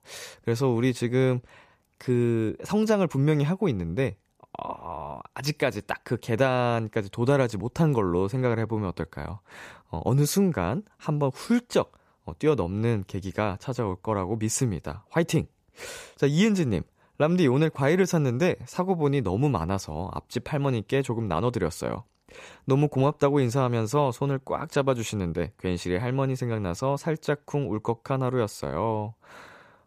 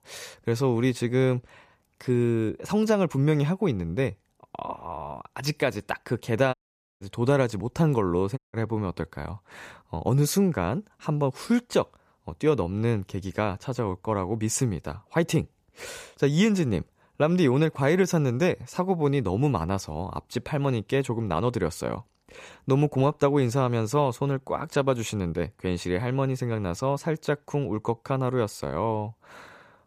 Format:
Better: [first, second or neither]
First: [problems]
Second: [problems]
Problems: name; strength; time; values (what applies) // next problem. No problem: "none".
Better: first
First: none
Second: audio cutting out; at 6.5 s and at 8.5 s